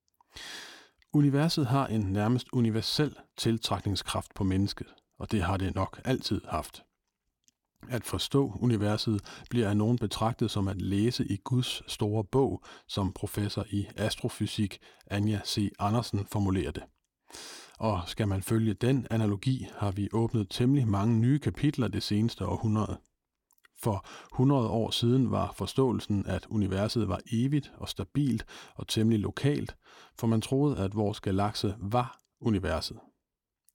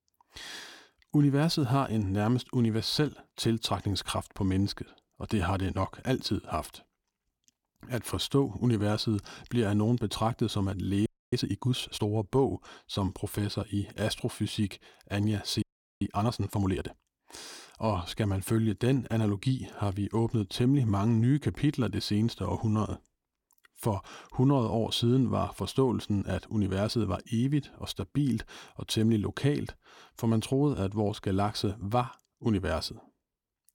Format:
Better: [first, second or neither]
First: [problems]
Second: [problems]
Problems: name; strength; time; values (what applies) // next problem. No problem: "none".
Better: first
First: none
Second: audio freezing; at 11 s and at 16 s